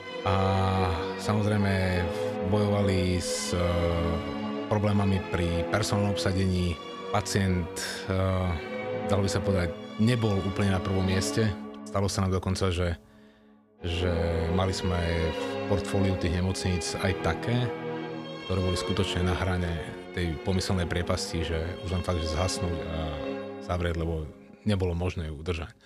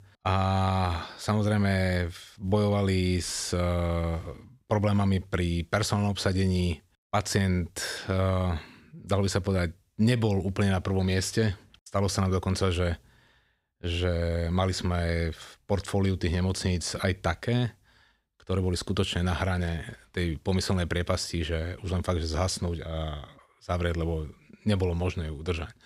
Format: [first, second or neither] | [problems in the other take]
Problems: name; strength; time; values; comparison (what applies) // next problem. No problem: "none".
second | background music; loud; throughout; 6 dB below the speech